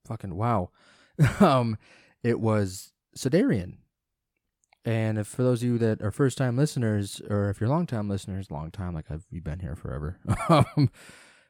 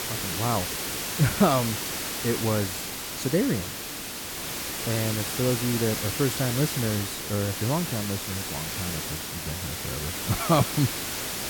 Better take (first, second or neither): first